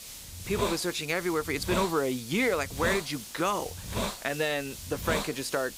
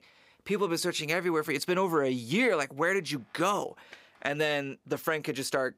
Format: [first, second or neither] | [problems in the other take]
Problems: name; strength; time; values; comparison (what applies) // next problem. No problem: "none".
second | hiss; loud; throughout; 6 dB below the speech